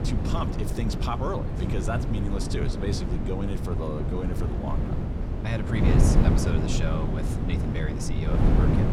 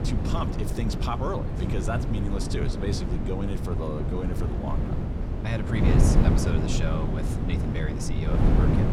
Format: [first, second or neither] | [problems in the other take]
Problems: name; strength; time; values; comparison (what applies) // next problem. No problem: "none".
neither | wind noise on the microphone; heavy; as loud as the speech; the same in both